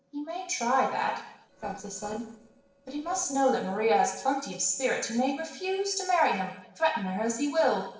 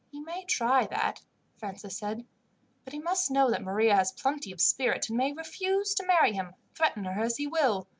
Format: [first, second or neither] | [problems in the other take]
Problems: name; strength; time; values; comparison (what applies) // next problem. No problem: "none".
second | noise reduction (neural separator model SepFormer DNS4)